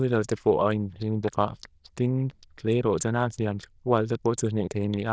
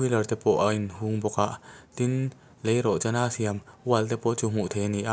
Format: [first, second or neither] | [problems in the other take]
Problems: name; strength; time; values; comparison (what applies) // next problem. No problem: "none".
second | noise reduction (neural diffusion model UNIVERSE++)